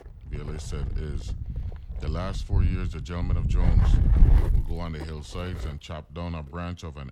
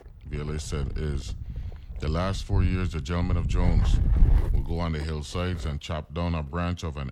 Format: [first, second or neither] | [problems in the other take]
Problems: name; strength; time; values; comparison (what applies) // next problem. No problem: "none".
second | wind noise on the microphone; heavy; 3 dB below the speech; occasional gusts in the second